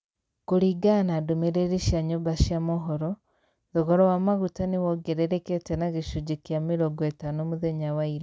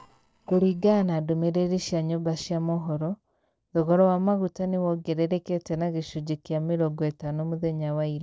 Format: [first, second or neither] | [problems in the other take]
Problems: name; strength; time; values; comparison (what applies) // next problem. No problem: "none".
first | noise reduction (neural separator model SepFormer DNS4)